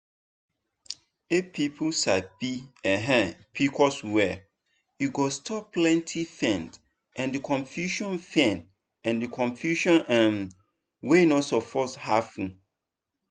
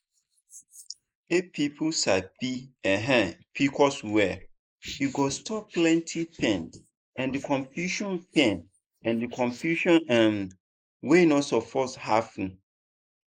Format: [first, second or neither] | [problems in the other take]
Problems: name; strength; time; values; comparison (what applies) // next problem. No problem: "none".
first | noise reduction (neural mask model Resemble Enhance denoiser)